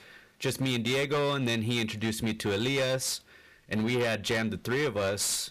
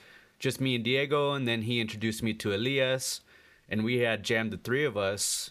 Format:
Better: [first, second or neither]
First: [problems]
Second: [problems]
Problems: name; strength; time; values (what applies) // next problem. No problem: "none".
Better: second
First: distortion; slight; 17% of the sound clipped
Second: none